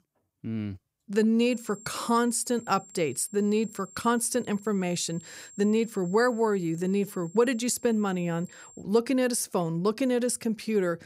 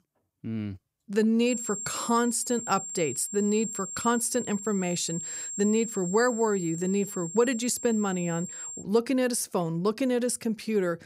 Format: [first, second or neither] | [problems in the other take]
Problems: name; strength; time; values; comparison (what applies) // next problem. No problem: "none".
first | high-pitched whine; loud; from 1.5 to 9 s; 7.5 kHz, 8 dB below the speech; faint in the first